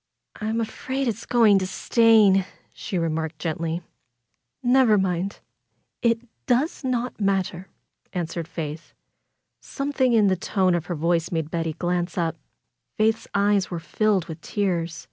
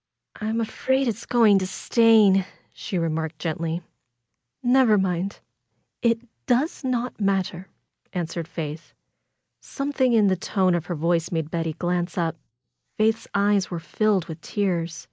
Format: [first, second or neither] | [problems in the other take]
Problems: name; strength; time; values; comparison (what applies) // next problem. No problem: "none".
first | noise reduction (neural mask model Resemble Enhance denoiser)